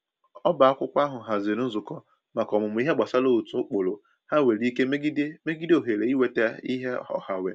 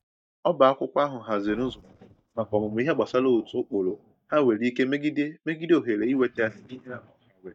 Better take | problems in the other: first | noise reduction (neural mask model DeepFilterNet 3)

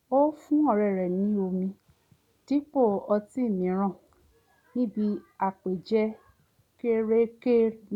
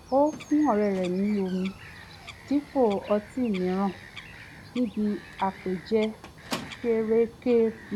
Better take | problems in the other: first | background sound (Bird vocalization, bird call, bird song + Squeak); 16 dB below the speech

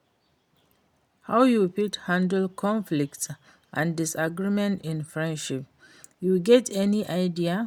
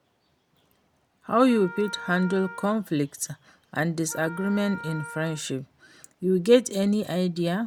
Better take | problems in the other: first | background sound (Wind instrument, woodwind instrument); 16 dB below the speech

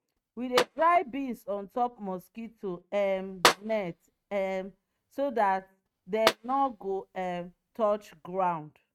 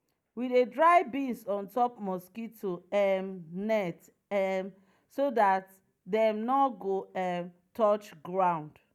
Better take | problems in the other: second | noise reduction (neural mask model RNNoise)

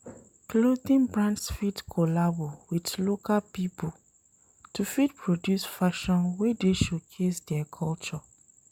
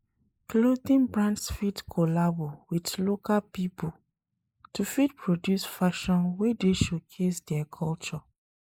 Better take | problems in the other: first | noise reduction (neural mask model Resemble Enhance denoiser)

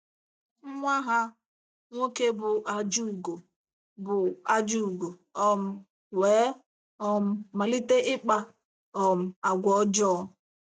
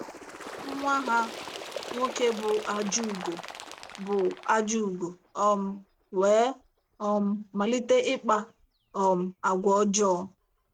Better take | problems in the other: first | background sound (Bird); 15 dB below the speech

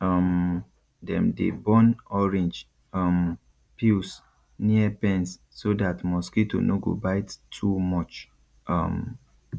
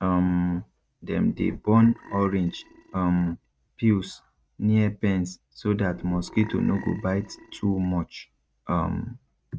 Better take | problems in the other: first | noise reduction (neural mask model RNNoise)

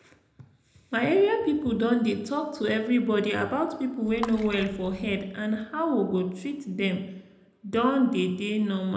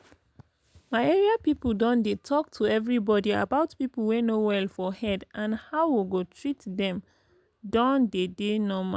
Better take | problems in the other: second | background sound (Water / Splash, splatter); 15 dB below the speech // room echo; dies away in 0.7 s

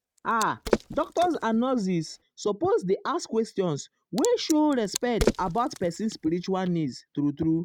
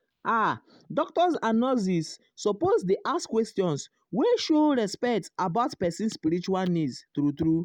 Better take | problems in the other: second | noise reduction (neural mask model RNNoise)

